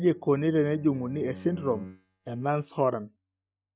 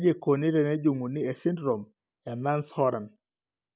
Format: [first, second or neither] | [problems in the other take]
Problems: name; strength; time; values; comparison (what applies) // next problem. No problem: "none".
second | noise reduction (neural mask model DeepFilterNet 3)